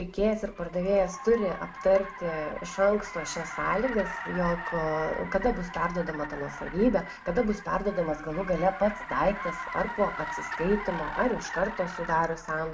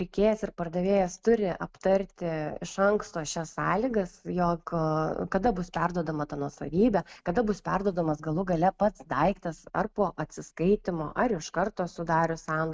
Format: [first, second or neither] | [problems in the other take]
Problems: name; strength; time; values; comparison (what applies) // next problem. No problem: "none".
second | background sound (Car); 10 dB below the speech // room echo; dies away in 0.3 s